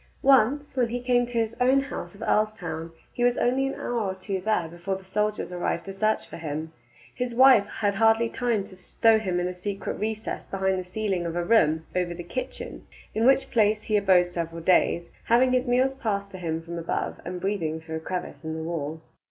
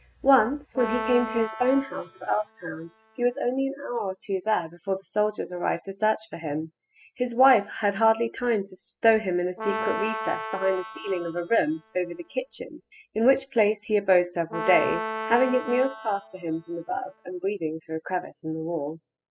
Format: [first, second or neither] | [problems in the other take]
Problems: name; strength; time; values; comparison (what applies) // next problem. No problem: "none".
first | noise reduction (classical method spectral subtraction)